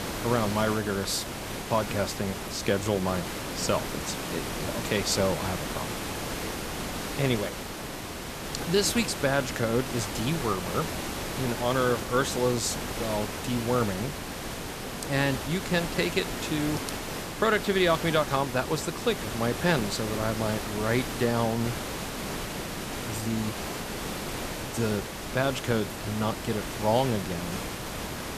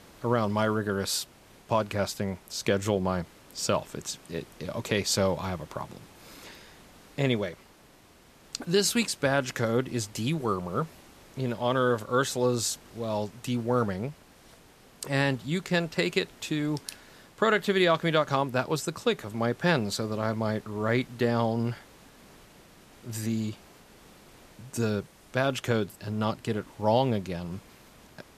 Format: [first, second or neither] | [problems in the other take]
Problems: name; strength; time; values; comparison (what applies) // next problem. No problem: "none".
second | hiss; loud; throughout; 5 dB below the speech; faint in the second